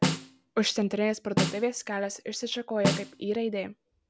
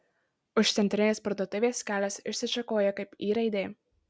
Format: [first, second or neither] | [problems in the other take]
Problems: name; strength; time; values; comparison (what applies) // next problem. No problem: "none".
second | background sound (Snare drum); 2 dB below the speech